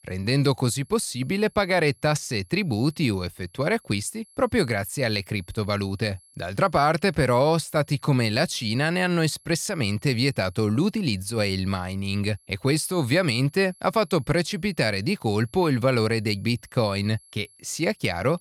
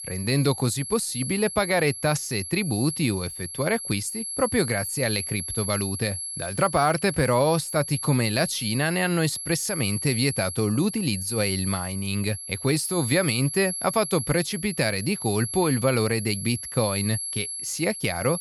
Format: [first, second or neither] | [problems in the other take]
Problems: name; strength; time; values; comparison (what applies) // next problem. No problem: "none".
first | high-pitched whine; loud; throughout; 11 kHz, 6 dB below the speech; faint in the first